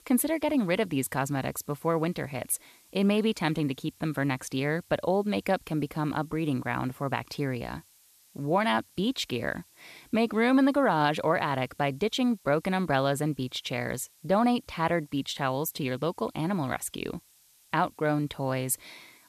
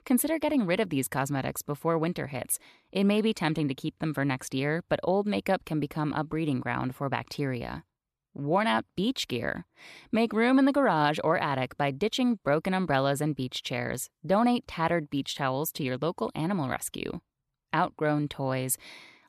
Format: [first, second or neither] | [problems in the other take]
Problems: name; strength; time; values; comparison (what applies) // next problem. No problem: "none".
second | hiss; faint; throughout; 30 dB below the speech